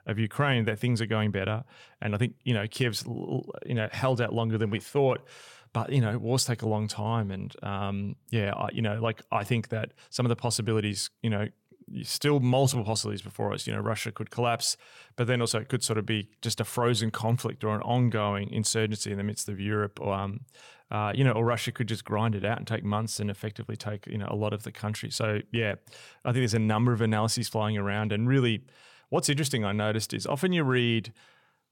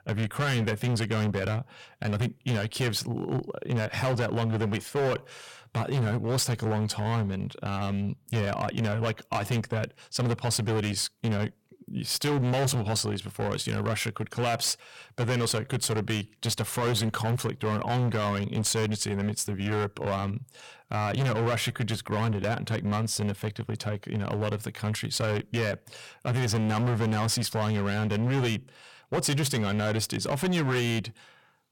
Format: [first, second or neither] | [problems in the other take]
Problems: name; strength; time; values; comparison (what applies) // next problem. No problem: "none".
first | distortion; heavy; 17% of the sound clipped